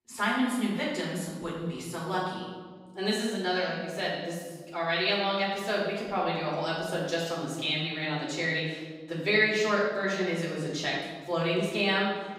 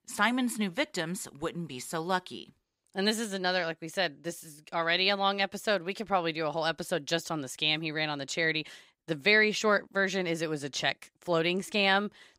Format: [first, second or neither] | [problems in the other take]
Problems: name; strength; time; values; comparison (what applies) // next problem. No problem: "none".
second | off-mic speech; far // room echo; noticeable; dies away in 1.3 s